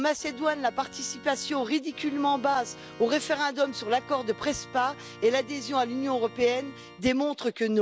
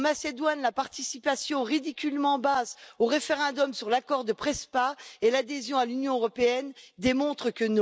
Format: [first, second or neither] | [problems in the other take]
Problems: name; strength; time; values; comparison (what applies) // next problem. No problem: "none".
second | background sound (Organ); 19 dB below the speech